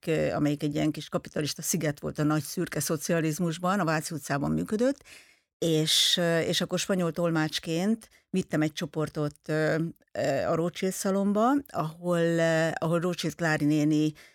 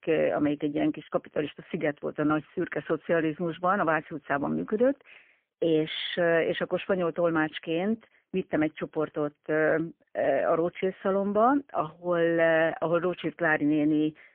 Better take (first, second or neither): first